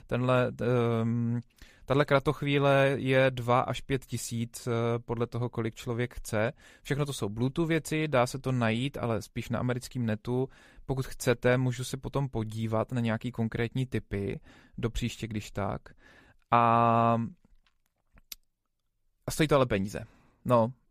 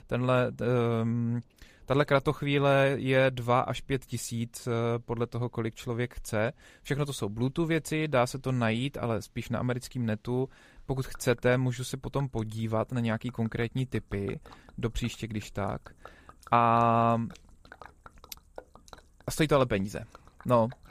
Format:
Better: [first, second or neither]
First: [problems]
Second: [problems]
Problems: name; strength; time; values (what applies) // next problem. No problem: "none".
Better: first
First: none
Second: rain or running water; faint; throughout; 25 dB below the speech